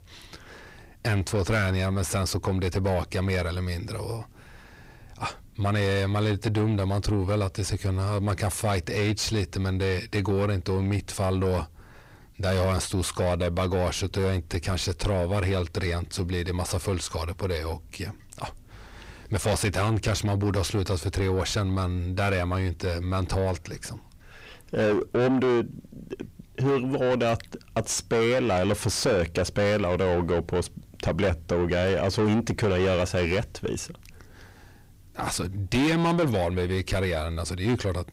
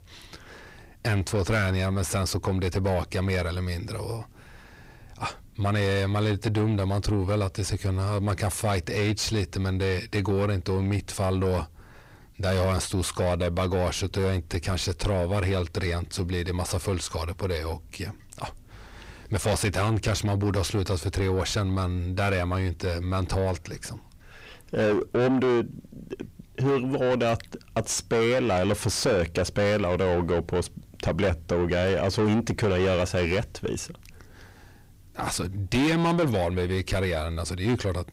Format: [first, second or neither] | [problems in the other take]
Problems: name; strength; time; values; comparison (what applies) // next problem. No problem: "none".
neither | distortion; heavy; 7 dB below the speech; the same in both